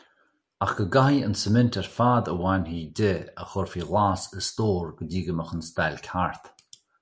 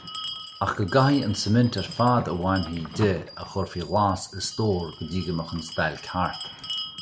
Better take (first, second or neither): first